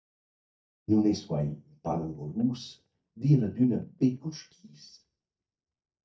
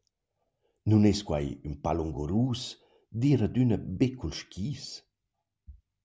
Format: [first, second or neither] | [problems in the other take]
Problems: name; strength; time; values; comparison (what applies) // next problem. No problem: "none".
second | noise reduction (neural mask model DeepFilterNet 3)